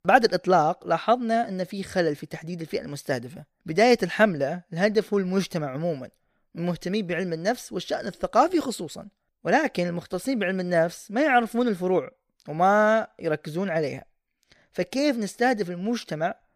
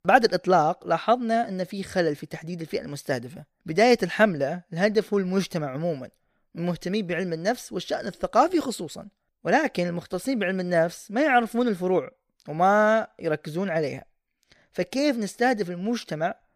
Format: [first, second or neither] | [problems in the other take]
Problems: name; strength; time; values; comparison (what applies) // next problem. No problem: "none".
neither | none